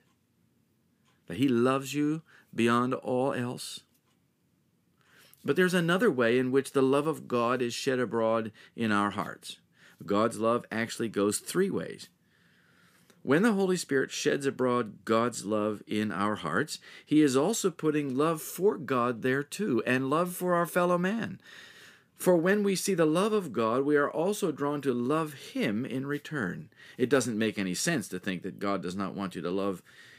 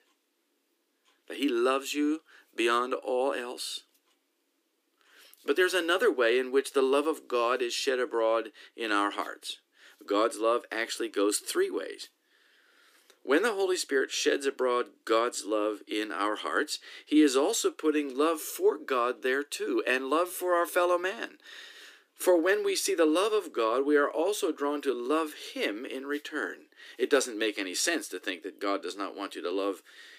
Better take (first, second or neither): first